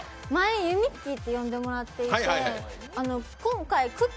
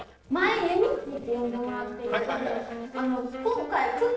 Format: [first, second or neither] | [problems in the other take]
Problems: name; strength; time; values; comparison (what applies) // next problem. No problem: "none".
first | noise reduction (neural separator model SepFormer DNS4)